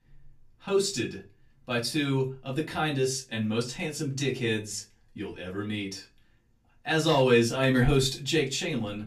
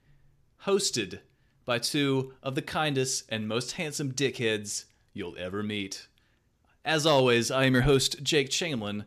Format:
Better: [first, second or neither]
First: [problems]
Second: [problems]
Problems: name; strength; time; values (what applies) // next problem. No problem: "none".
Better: second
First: off-mic speech; far // room echo; very slight; dies away in 0.2 s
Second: none